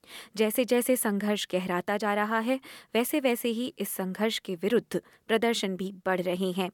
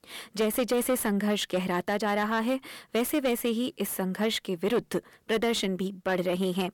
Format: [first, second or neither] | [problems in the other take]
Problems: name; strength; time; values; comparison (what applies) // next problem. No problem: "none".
first | distortion; slight; 10 dB below the speech